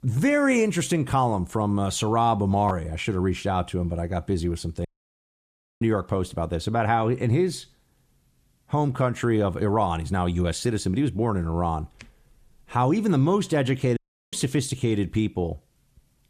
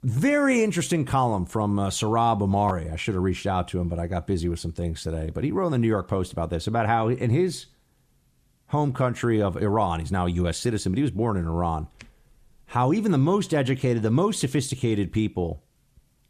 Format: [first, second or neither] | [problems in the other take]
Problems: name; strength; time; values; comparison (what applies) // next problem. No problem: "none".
second | audio cutting out; at 5 s for 1 s and at 14 s